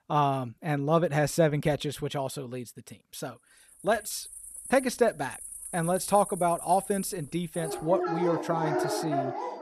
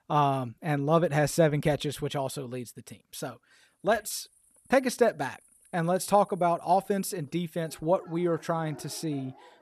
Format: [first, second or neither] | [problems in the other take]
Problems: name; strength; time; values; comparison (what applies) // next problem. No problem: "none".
second | animal sounds; loud; from 4 s on; 6 dB below the speech; faint in the second